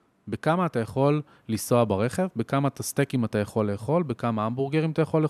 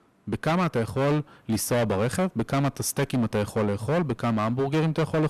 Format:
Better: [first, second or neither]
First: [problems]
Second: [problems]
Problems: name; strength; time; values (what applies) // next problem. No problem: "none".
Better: first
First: none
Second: distortion; heavy; 18% of the sound clipped